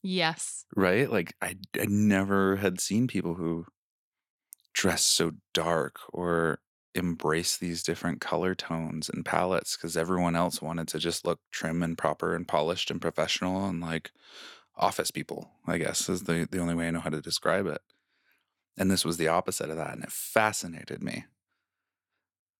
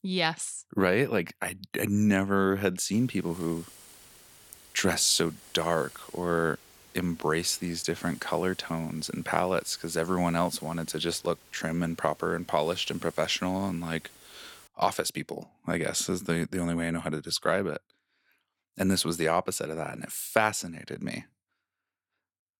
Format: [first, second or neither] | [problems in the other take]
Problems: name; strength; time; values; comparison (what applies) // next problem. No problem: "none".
first | hiss; faint; from 3 to 15 s; 20 dB below the speech